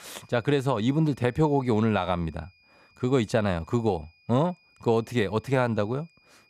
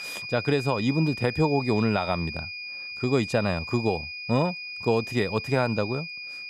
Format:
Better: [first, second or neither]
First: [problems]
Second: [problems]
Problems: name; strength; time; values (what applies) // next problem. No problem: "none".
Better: first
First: high-pitched whine; faint; throughout; 2.5 kHz, 35 dB below the speech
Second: high-pitched whine; loud; throughout; 2.5 kHz, 8 dB below the speech